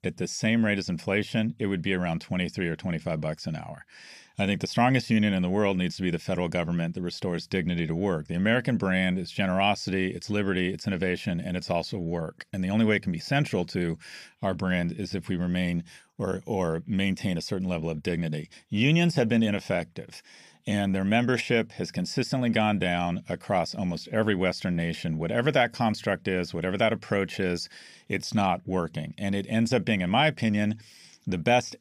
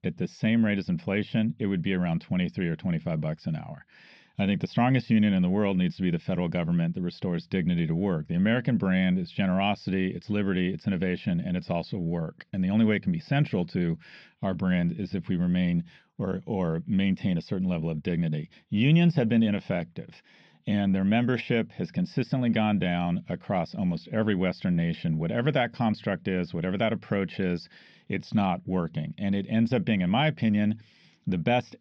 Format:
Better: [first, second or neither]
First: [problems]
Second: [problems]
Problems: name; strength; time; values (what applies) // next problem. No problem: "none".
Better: first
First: none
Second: muffled; slightly; fading above 4 kHz